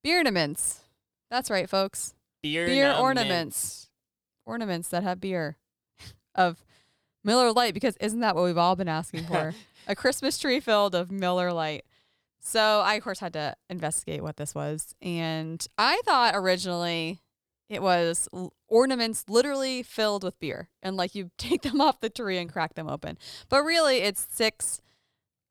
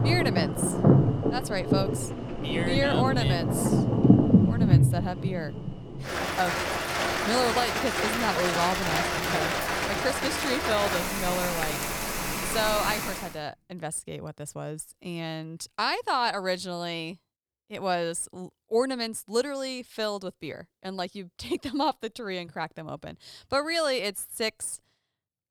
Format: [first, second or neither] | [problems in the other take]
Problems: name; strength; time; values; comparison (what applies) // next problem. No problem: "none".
first | rain or running water; very loud; until 13 s; 5 dB above the speech